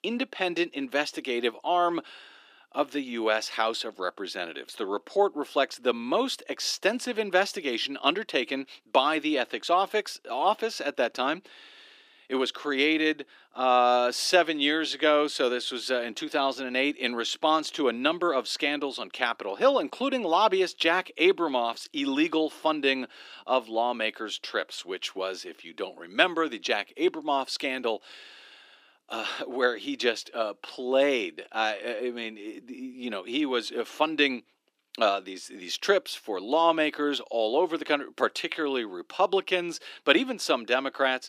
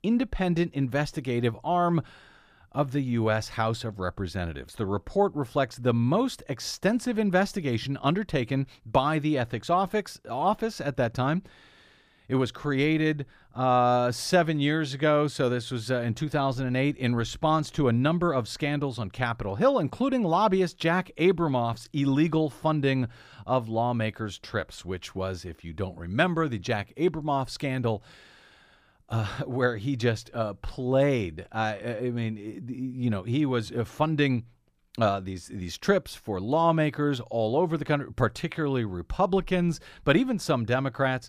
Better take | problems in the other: second | thin; somewhat; fading below 300 Hz

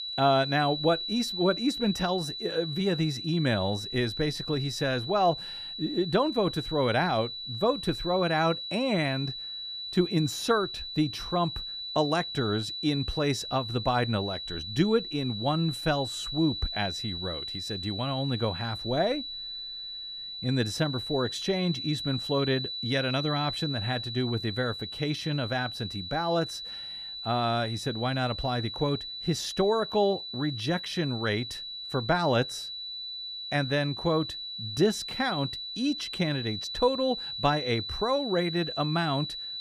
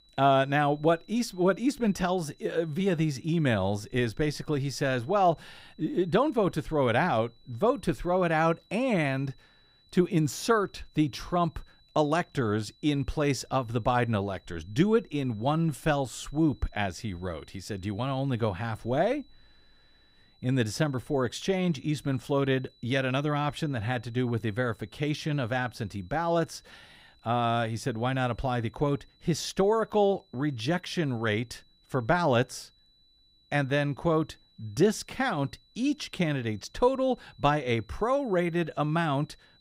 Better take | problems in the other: second | high-pitched whine; loud; throughout; 4 kHz, 6 dB below the speech; faint in the second

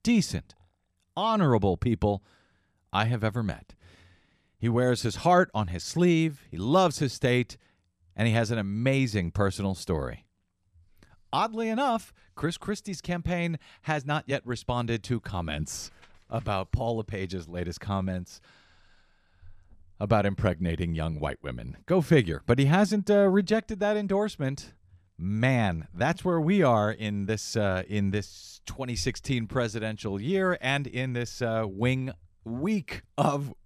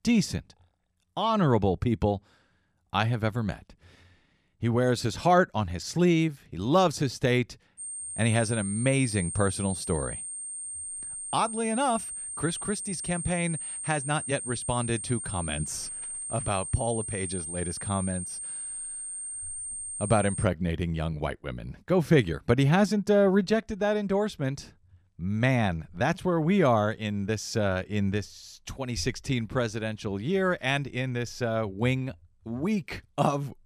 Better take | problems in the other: first | high-pitched whine; loud; from 8 to 20 s; 8.5 kHz, 6 dB below the speech

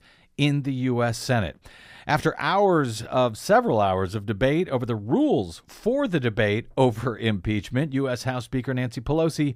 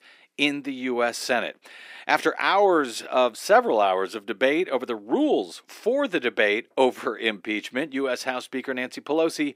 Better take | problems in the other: first | thin; somewhat; fading below 300 Hz

